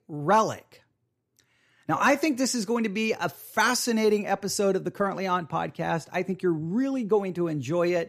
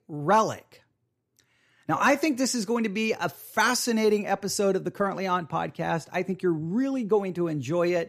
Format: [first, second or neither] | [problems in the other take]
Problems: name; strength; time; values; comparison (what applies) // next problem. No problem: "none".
neither | none